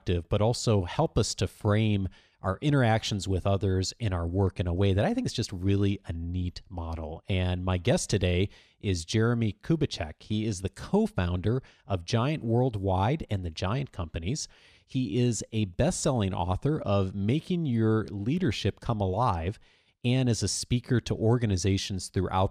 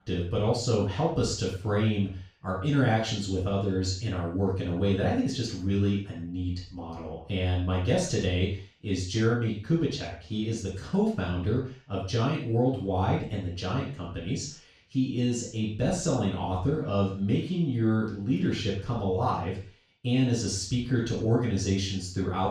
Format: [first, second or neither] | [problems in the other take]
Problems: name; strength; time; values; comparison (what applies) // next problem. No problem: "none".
first | room echo; noticeable; dies away in 0.4 s // off-mic speech; far